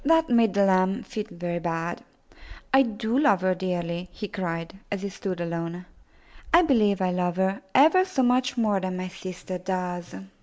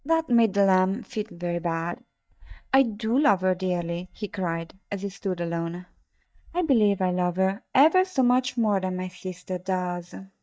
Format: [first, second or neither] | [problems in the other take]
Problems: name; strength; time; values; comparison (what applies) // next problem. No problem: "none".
first | noise reduction (neural mask model DeepFilterNet 3)